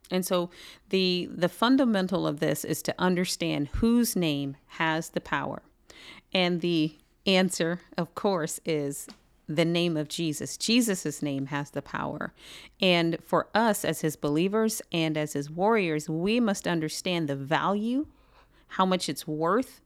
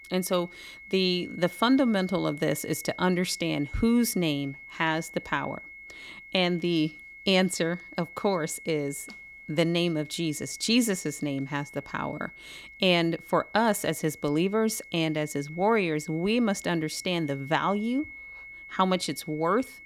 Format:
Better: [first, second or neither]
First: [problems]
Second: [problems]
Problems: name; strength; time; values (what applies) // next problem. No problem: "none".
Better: first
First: none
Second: high-pitched whine; noticeable; throughout; 2 kHz, 15 dB below the speech